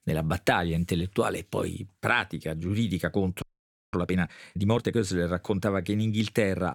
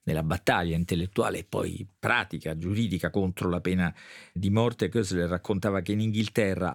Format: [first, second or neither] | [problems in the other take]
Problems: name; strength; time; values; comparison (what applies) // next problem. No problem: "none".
second | audio freezing; at 3.5 s for 0.5 s